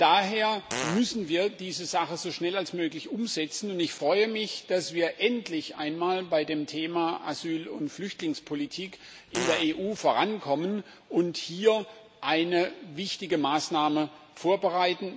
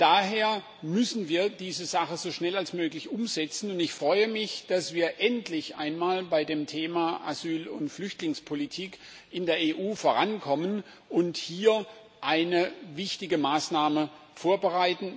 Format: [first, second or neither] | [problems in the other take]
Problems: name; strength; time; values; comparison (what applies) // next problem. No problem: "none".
second | background sound (Fart); 6 dB below the speech